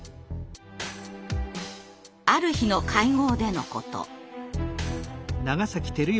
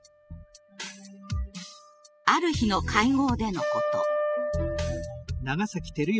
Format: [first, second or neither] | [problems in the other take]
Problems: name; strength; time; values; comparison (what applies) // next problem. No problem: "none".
first | noise reduction (classical method spectral subtraction)